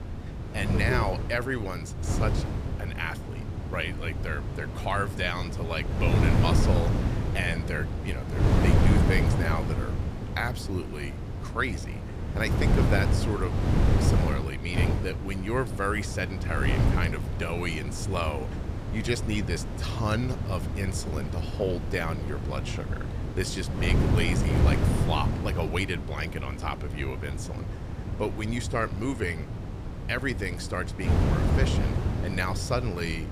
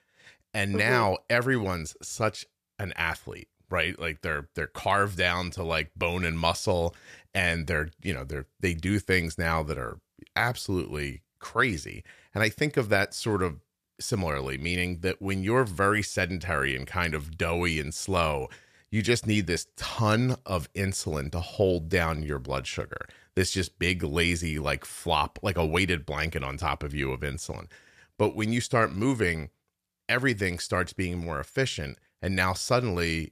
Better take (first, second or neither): second